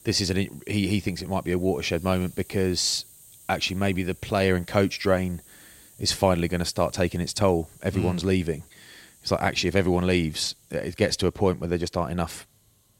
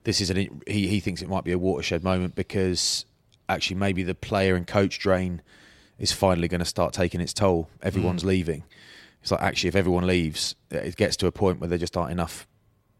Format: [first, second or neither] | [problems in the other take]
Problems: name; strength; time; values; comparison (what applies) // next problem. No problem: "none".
second | hiss; faint; throughout; 25 dB below the speech